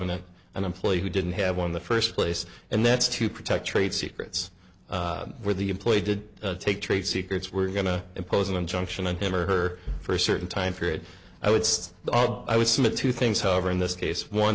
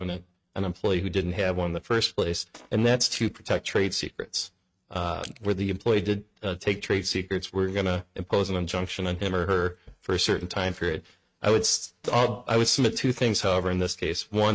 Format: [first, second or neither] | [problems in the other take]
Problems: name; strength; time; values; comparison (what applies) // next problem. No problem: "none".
first | noise reduction (neural mask model RNNoise)